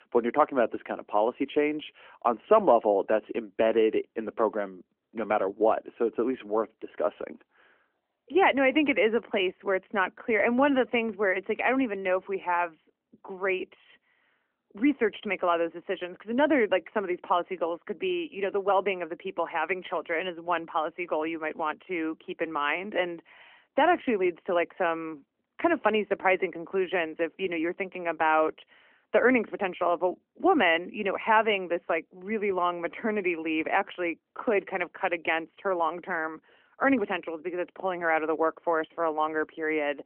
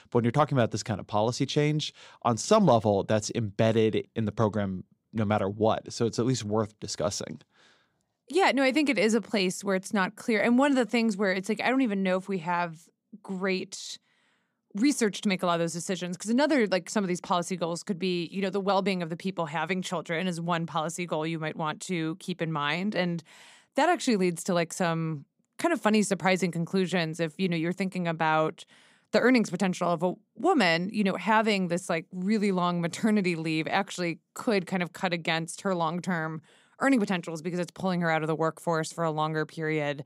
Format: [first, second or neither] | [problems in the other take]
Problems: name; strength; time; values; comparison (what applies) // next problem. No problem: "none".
second | phone-call audio; nothing above 3 kHz